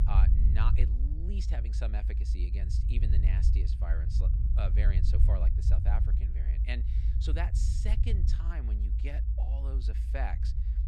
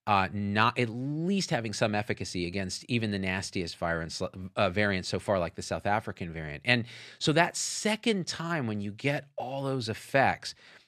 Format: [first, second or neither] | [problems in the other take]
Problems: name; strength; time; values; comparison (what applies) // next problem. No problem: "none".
second | low rumble; loud; throughout; 4 dB below the speech